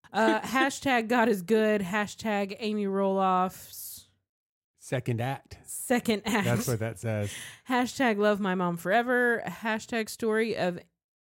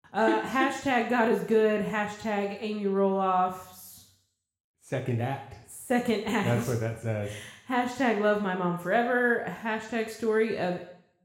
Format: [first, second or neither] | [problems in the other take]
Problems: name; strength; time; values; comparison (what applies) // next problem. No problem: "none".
first | room echo; slight; dies away in 0.7 s // off-mic speech; somewhat distant